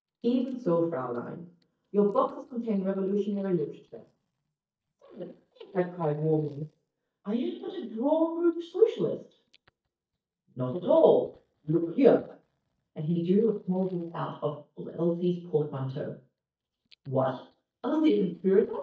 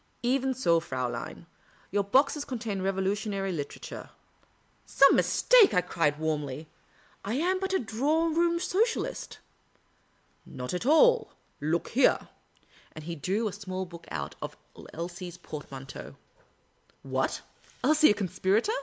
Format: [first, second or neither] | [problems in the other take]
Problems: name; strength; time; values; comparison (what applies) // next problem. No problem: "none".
second | noise reduction (neural mask model DeepFilterNet 3)